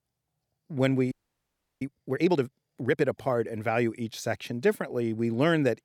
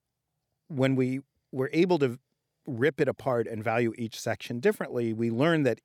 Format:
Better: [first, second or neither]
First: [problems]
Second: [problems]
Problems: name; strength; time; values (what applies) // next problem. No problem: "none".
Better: second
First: audio freezing; at 1 s for 0.5 s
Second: none